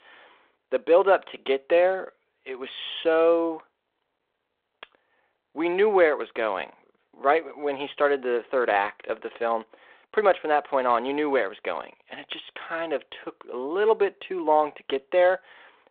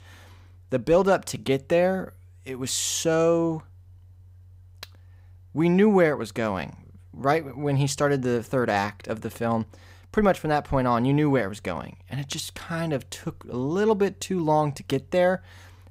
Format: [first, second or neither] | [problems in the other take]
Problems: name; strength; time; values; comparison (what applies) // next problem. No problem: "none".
second | phone-call audio